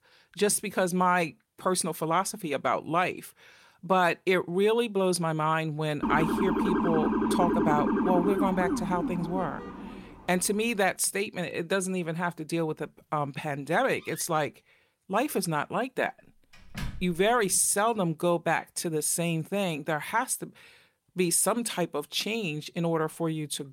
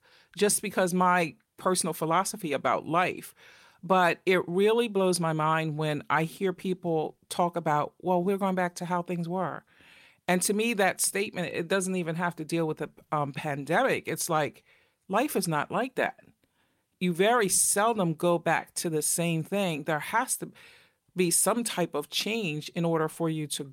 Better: second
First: siren; loud; from 6 to 10 s; peak 2 dB above the speech // door banging; faint; from 14 to 17 s; peak 10 dB below the speech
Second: none

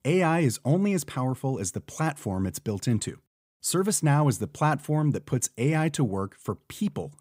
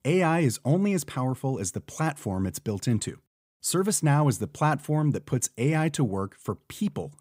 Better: neither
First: none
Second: none

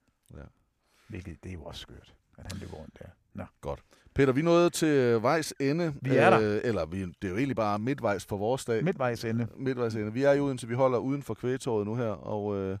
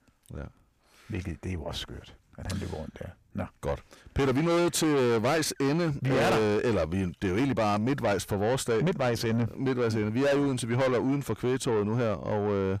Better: first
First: none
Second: distortion; heavy; 6 dB below the speech

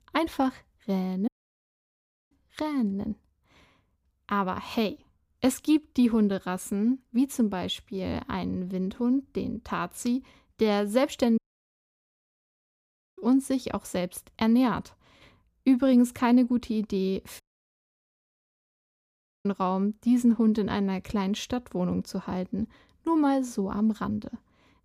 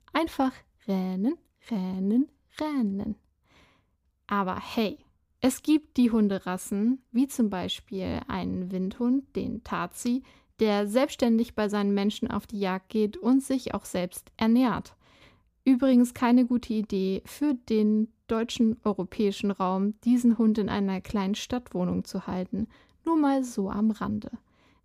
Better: second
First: audio cutting out; at 1.5 s for 1 s, at 11 s for 2 s and at 17 s for 2 s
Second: none

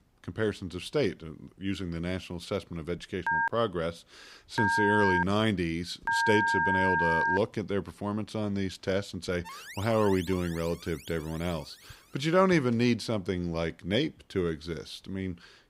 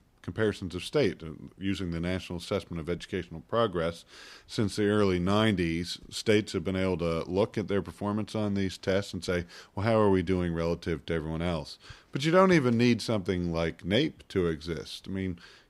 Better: second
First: phone ringing; loud; from 3.5 to 7.5 s; peak 5 dB above the speech // alarm; faint; from 9.5 to 12 s; peak 10 dB below the speech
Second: none

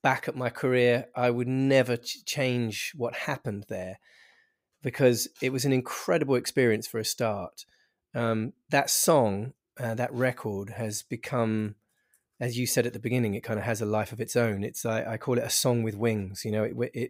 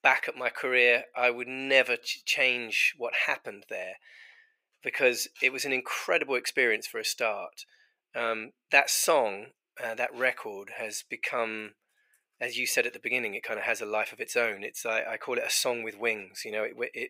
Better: first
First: none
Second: thin; very; fading below 500 Hz

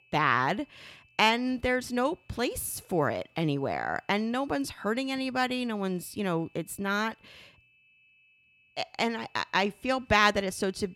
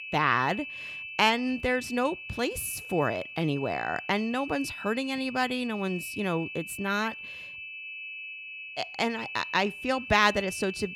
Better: first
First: high-pitched whine; faint; throughout; 2.5 kHz, 35 dB below the speech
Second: high-pitched whine; loud; throughout; 2.5 kHz, 10 dB below the speech

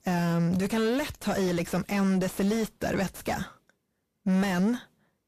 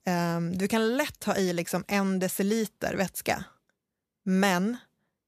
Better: second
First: distortion; heavy; 6 dB below the speech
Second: none

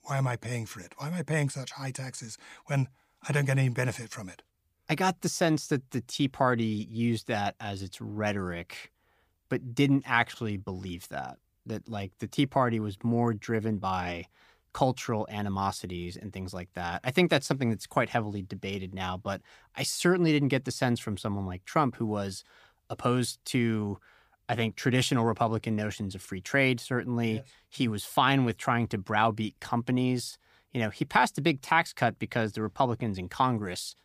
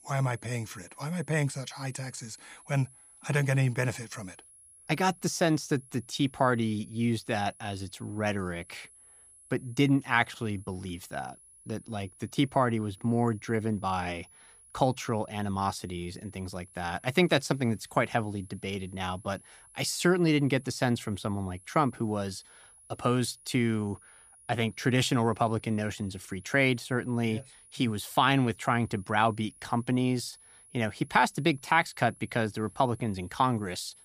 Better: first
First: none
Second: high-pitched whine; faint; throughout; 11 kHz, 25 dB below the speech

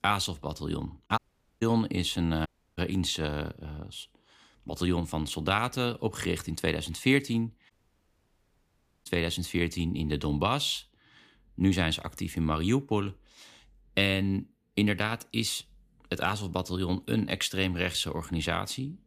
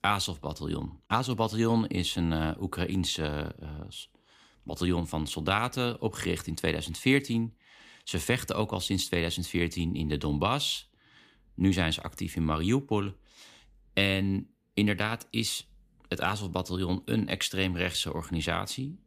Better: second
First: audio cutting out; at 1 s, at 2.5 s and at 7.5 s for 1.5 s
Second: none

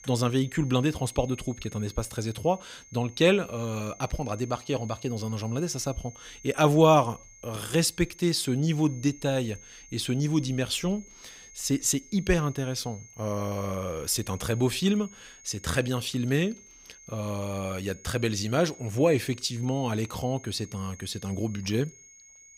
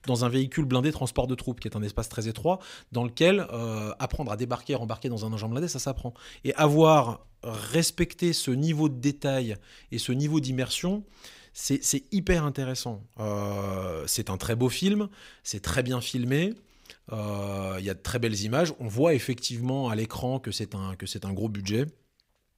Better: second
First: high-pitched whine; faint; throughout; 6.5 kHz, 20 dB below the speech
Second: none

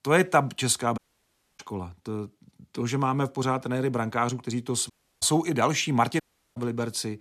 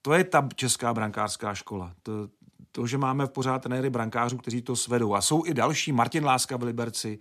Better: second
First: audio cutting out; at 1 s for 0.5 s, at 5 s and at 6 s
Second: none

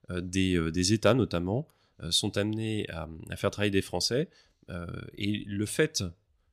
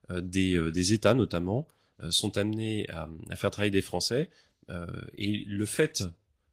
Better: first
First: none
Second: garbled, watery; slightly; nothing above 15.5 kHz

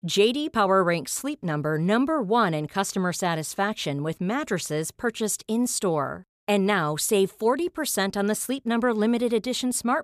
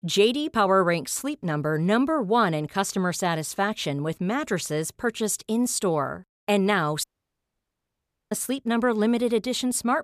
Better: first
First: none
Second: audio cutting out; at 7 s for 1.5 s

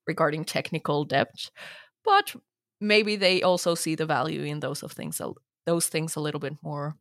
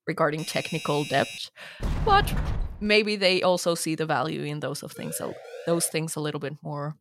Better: first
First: none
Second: doorbell; noticeable; until 1.5 s; peak 9 dB below the speech // door banging; noticeable; from 2 to 3 s; peak 4 dB below the speech // siren; faint; at 5 s; peak 15 dB below the speech

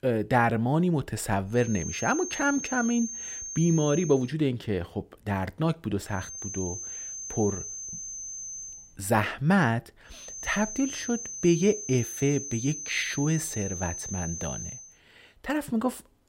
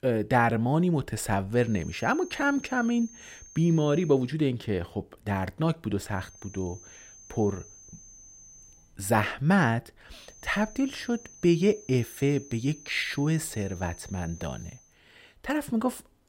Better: second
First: high-pitched whine; loud; from 1.5 to 4 s, from 6 to 9 s and from 10 to 15 s; 6 kHz, 7 dB below the speech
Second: high-pitched whine; faint; from 1.5 to 4 s, from 6 to 9 s and from 10 to 15 s; 6 kHz, 20 dB below the speech

